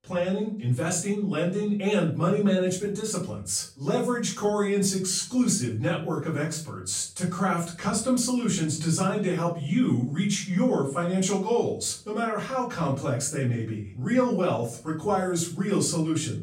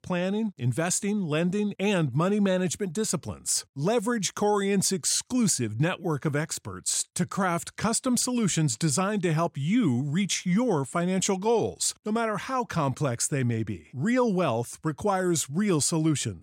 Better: second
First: off-mic speech; far // room echo; slight; dies away in 0.4 s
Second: none

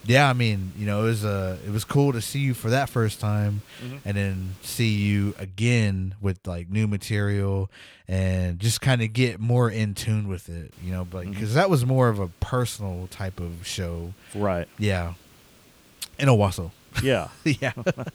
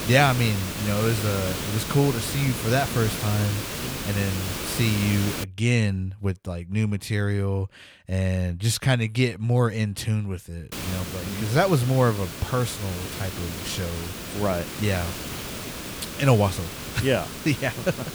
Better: first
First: hiss; faint; until 5.5 s and from 11 s on; 25 dB below the speech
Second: hiss; loud; until 5.5 s and from 11 s on; 6 dB below the speech

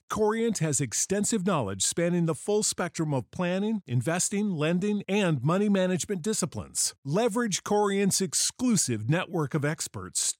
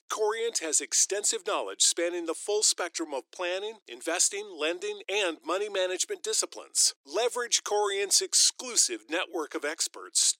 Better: first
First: none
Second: thin; very; fading below 350 Hz

